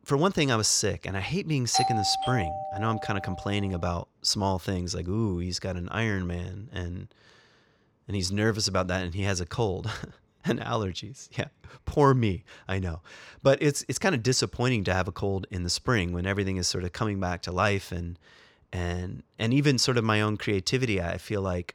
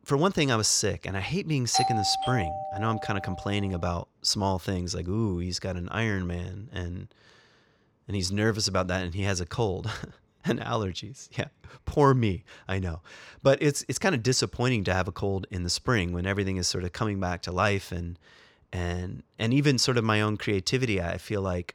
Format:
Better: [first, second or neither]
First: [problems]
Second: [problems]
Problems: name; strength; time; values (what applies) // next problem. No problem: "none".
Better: neither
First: doorbell; loud; from 1.5 to 3.5 s; peak 1 dB above the speech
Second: doorbell; loud; from 1.5 to 3.5 s; peak 1 dB above the speech